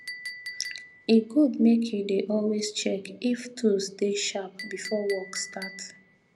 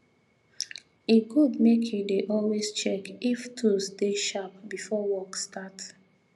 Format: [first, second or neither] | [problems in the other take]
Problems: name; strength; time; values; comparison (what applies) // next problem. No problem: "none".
second | background sound (Chink, clink); 17 dB below the speech